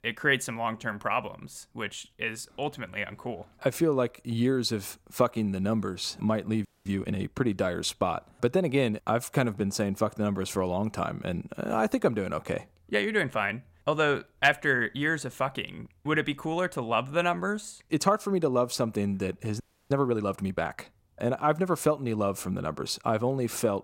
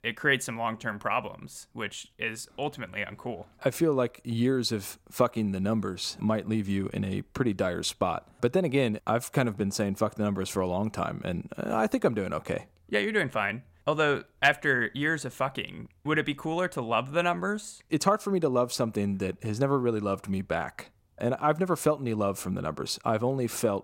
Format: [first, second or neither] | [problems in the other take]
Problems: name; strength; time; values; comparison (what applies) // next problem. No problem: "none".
second | audio freezing; at 6.5 s and at 20 s